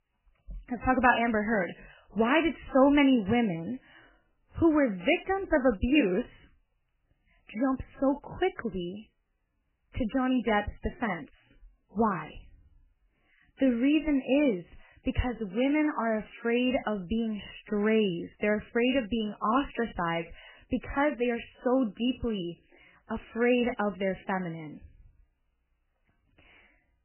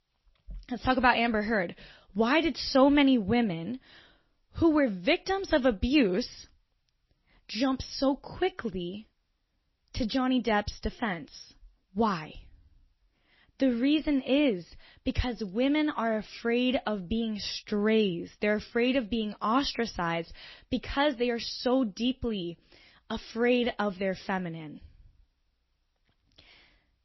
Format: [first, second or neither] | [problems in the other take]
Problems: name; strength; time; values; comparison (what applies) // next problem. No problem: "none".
second | garbled, watery; badly; nothing above 3 kHz; slightly in the second